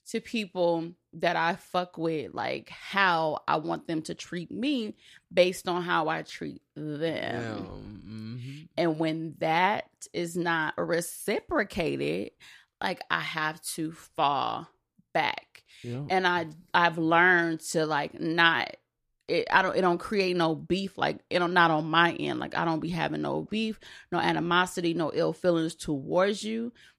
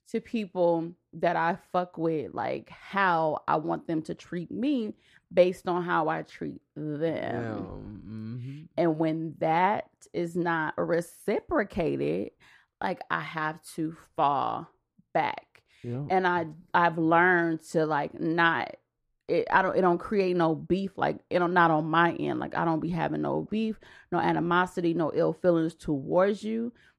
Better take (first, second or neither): first